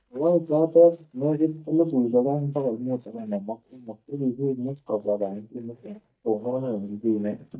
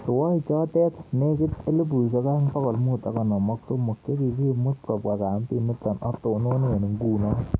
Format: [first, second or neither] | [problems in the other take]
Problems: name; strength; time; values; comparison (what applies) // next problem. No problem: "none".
second | noise reduction (neural mask model DeepFilterNet 3)